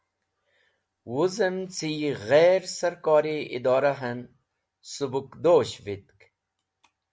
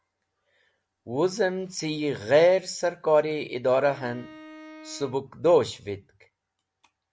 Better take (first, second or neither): first